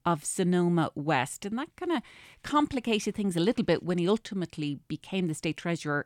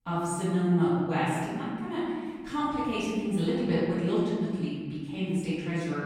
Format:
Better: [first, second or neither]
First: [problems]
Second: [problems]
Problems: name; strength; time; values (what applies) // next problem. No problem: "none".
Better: first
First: none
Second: off-mic speech; far // room echo; strong; dies away in 1.7 s